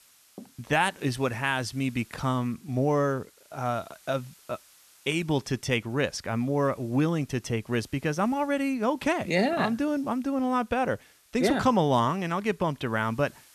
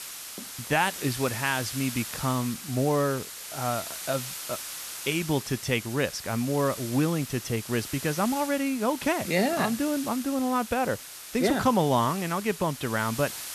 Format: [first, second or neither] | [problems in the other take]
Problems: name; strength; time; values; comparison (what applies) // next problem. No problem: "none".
first | hiss; loud; throughout; 9 dB below the speech; faint in the first